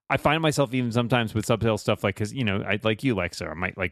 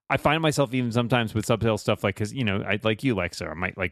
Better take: neither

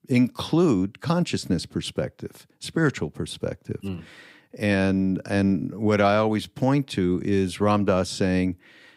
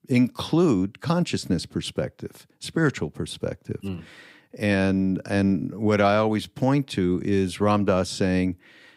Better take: neither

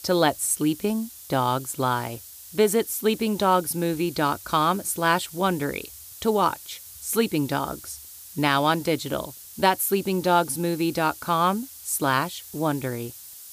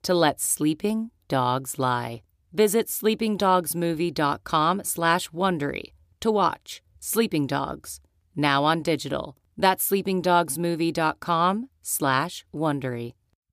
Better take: second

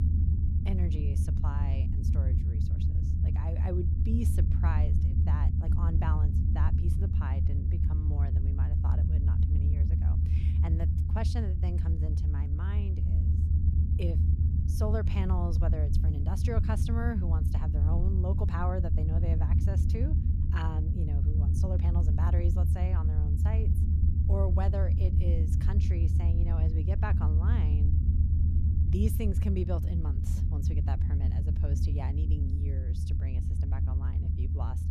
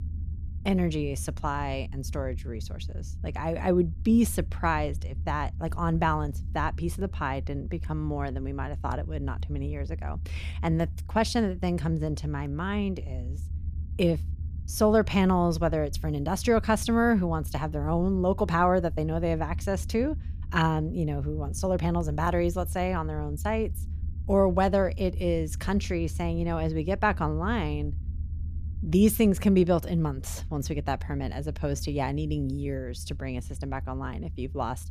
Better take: second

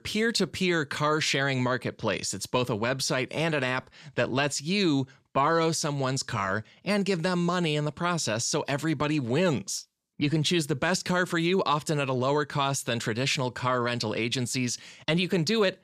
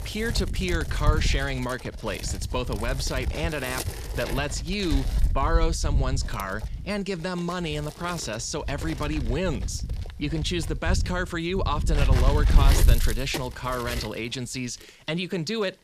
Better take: first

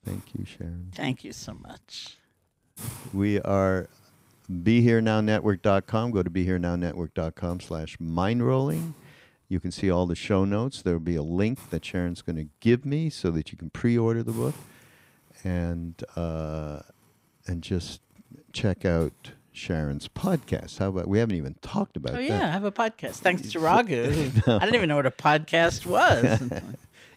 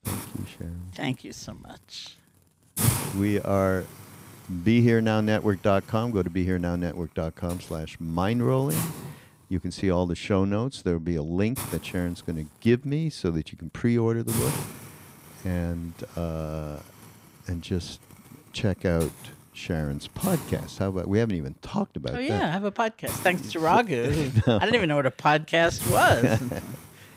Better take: first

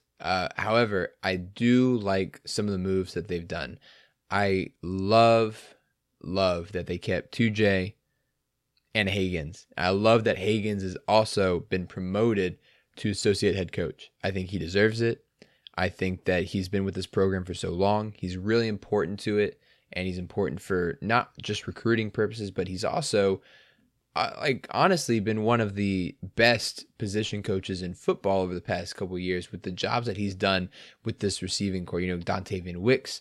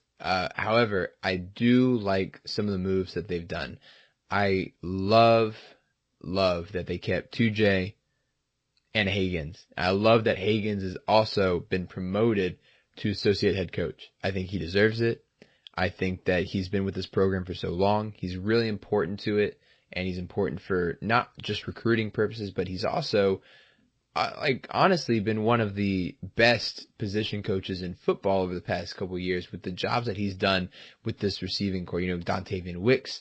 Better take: first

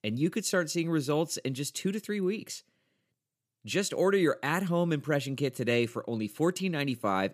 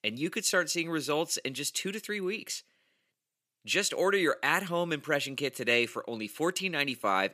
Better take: first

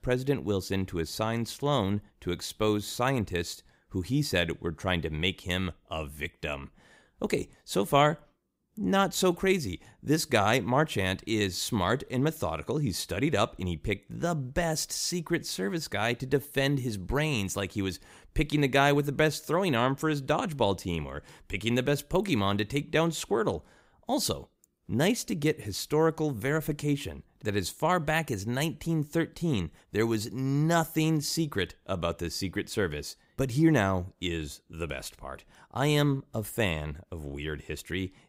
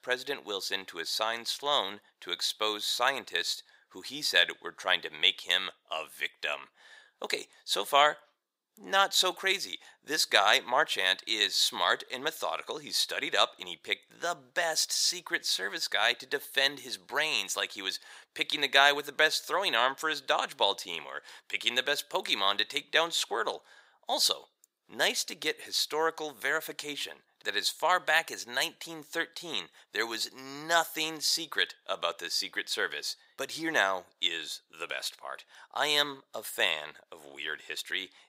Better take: first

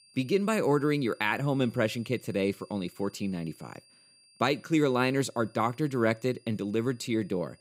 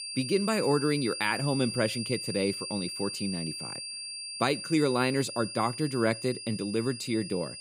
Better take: first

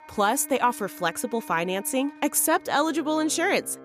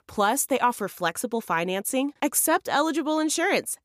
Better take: second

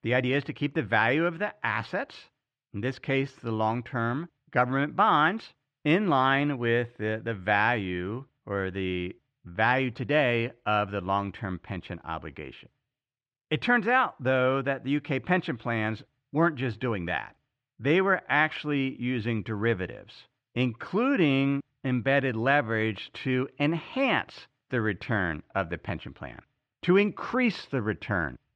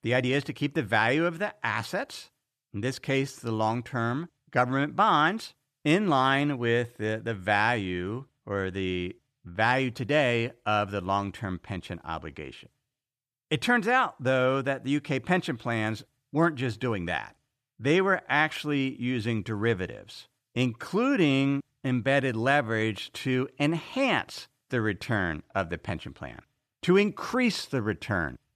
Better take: second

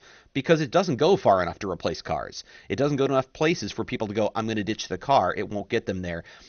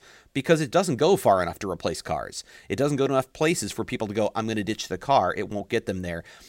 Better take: second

